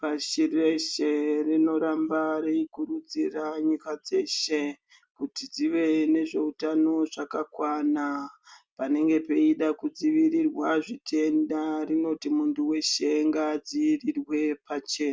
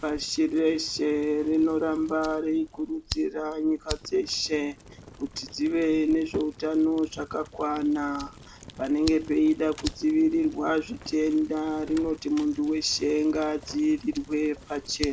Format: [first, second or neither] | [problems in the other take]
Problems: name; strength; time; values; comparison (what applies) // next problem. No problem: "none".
first | background sound (Fire + Fire); 16 dB below the speech